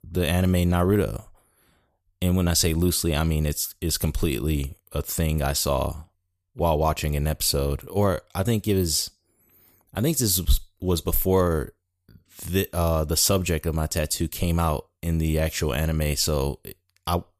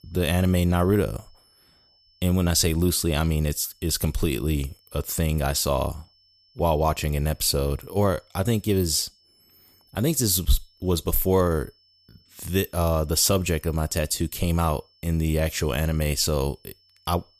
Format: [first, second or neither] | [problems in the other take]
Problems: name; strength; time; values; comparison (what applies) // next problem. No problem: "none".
first | high-pitched whine; faint; throughout; 5.5 kHz, 35 dB below the speech